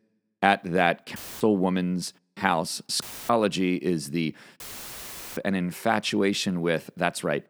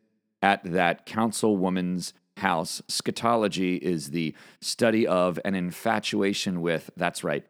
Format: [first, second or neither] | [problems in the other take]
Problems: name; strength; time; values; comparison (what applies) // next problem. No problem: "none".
second | audio cutting out; filled with static; at 1 s, at 3 s and at 4.5 s for 1 s